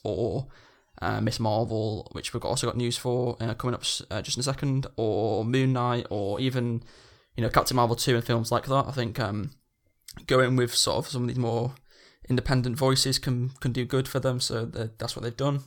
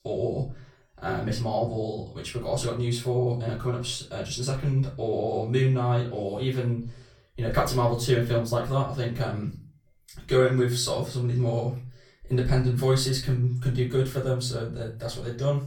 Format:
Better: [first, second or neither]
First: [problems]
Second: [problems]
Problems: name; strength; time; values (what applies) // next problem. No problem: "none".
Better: first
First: none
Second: off-mic speech; far // room echo; slight; dies away in 0.3 s